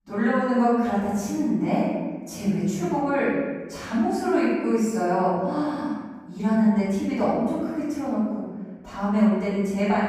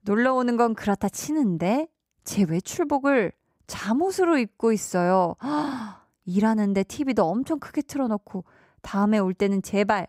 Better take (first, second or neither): second